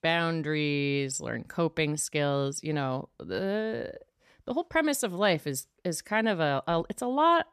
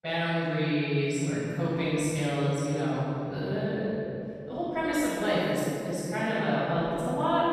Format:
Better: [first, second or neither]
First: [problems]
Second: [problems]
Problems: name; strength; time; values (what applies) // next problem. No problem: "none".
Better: first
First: none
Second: off-mic speech; far // room echo; strong; dies away in 3 s